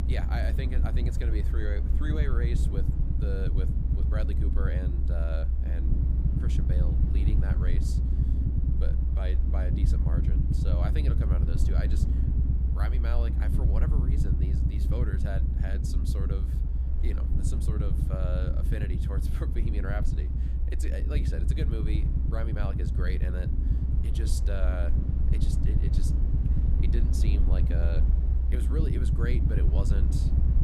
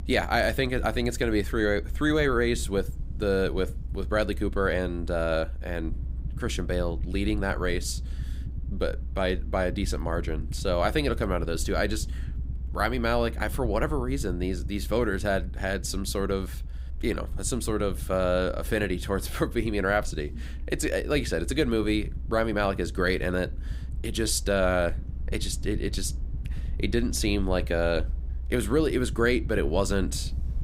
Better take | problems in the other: second | low rumble; loud; throughout; 1 dB below the speech; faint in the second

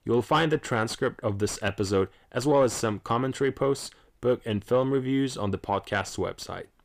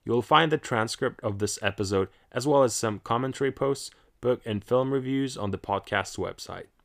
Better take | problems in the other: second | distortion; slight; 10 dB below the speech

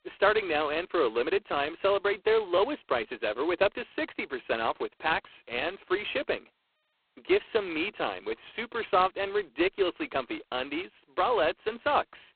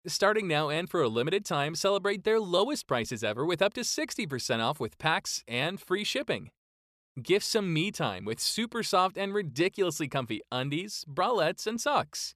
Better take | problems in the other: second | phone-call audio; poor line; nothing above 4 kHz

